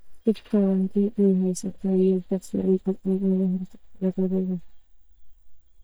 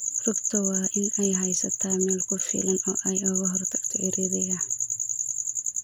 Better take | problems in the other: second | noise reduction (neural mask model DeepFilterNet 3)

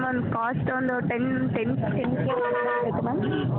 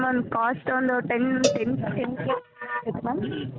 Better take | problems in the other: first | noise reduction (neural mask model RNNoise)

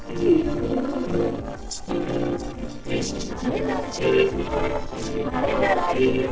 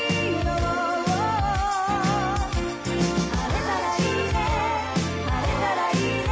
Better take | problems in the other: second | noise reduction (neural separator model SepFormer DNS4)

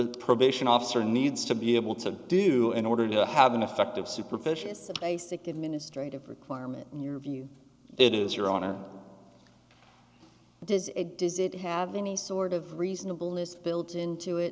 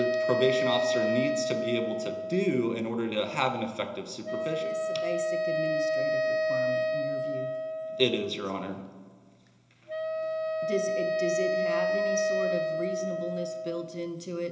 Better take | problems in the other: first | background sound (Wind instrument, woodwind instrument); 2 dB above the speech // room echo; dies away in 1 s

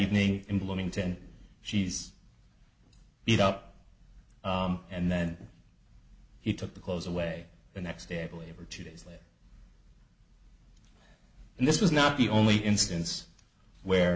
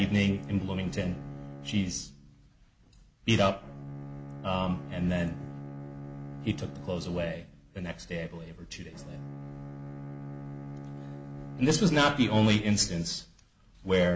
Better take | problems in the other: first | background sound (Bowed string instrument); 12 dB below the speech

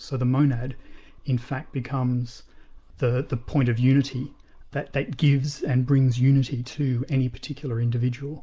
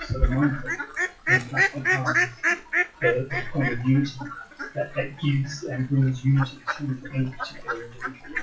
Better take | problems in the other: first | noise reduction (classical method WPE with log-MMSE)

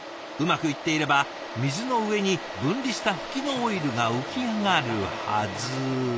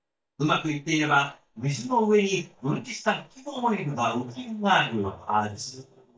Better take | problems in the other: first | noise reduction (neural mask model DeepFilterNet 3)

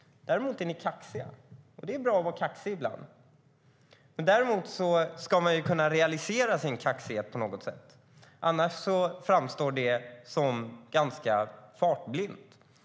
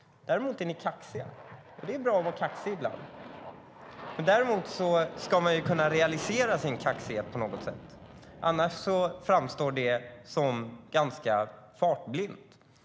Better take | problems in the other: first | background sound (Aircraft); 15 dB below the speech

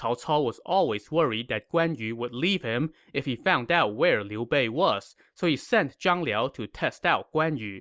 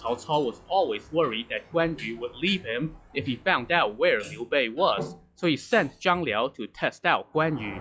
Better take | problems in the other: first | noise reduction (classical method log-MMSE)

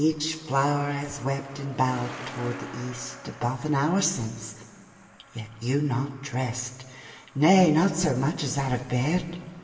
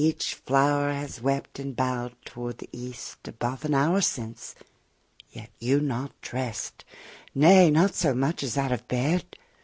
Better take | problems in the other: second | background sound (Truck); 19 dB below the speech // room echo; dies away in 2.4 s

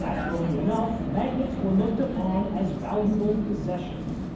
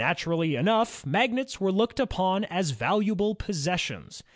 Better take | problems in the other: second | background sound (Vehicle); 4 dB below the speech // room echo; dies away in 1.2 s

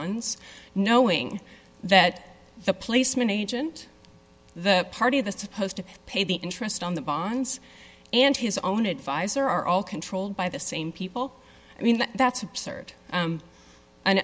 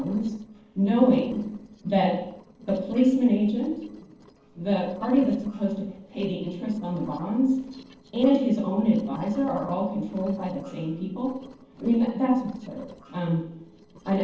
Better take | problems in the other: first | noise reduction (neural separator model SepFormer DNS4)

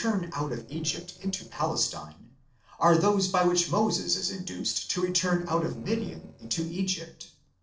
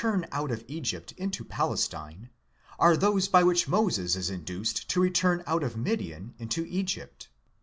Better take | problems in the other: second | noise reduction (neural separator model SepFormer DNS4)

